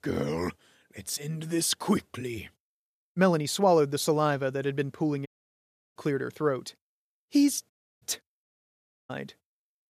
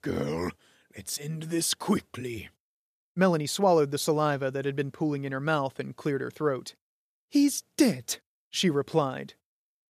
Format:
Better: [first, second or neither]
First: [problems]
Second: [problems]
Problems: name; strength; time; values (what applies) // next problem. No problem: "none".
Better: second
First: audio cutting out; at 5.5 s for 0.5 s, at 7.5 s and at 8.5 s for 0.5 s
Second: none